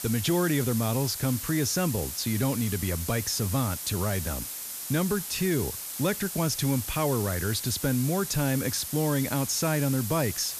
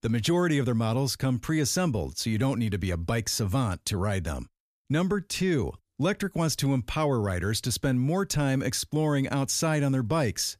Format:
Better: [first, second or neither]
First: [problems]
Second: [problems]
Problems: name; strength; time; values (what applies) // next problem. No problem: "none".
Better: second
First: hiss; loud; throughout; 6 dB below the speech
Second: none